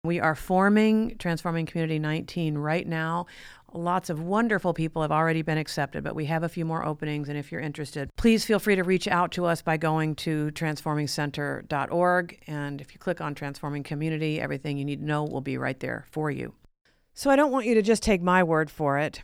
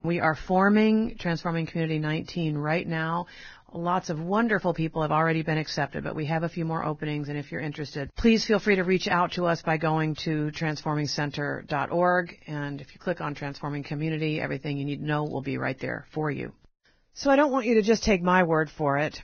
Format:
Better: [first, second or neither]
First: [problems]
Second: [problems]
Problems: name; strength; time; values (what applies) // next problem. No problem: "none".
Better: first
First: none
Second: garbled, watery; badly; nothing above 6.5 kHz